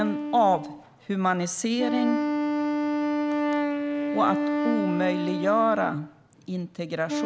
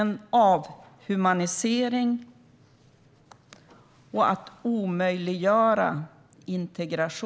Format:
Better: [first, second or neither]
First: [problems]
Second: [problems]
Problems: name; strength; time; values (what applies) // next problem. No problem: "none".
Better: second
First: background sound (Wind instrument, woodwind instrument); 1 dB below the speech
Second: none